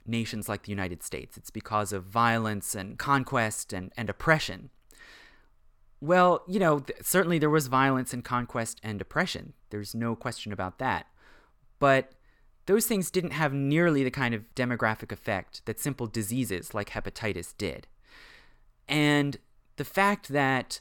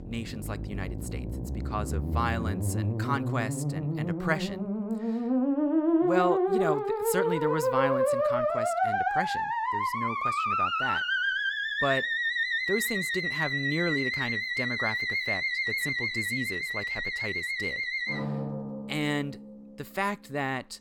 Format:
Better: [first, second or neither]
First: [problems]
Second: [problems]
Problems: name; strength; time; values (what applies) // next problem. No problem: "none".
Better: first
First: none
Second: background music; very loud; throughout; 5 dB above the speech